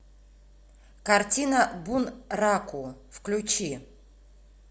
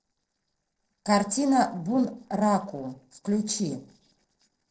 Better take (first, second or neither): first